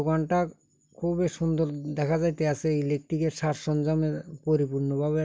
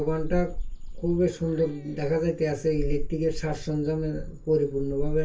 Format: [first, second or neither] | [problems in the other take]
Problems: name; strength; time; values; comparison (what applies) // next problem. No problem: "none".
first | background sound (Meow / Purr); 5 dB below the speech // room echo; dies away in 0.2 s